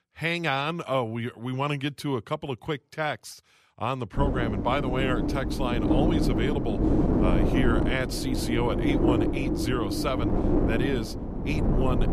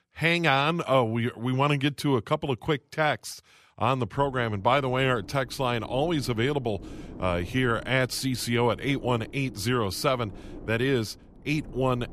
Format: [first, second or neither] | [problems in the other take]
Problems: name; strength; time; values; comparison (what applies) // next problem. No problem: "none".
second | wind noise on the microphone; heavy; from 4 s on; 1 dB below the speech; occasional gusts in the second